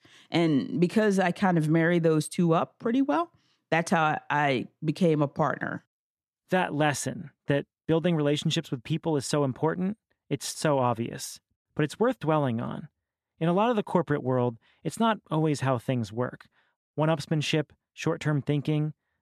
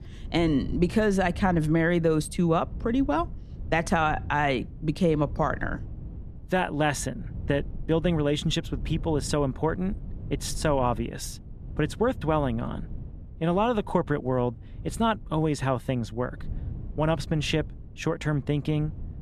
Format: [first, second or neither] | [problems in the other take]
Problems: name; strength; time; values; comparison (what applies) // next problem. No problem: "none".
first | wind noise on the microphone; occasional gusts; 25 dB below the speech